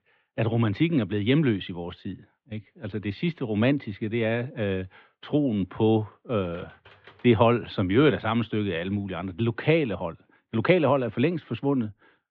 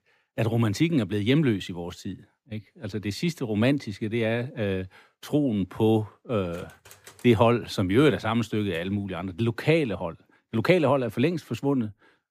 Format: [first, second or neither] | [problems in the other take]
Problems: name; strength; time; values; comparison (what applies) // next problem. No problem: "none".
second | muffled; very; fading above 3.5 kHz